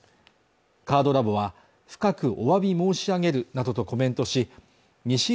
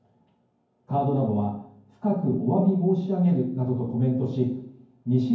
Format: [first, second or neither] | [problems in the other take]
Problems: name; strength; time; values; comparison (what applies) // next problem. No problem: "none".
first | room echo; dies away in 0.9 s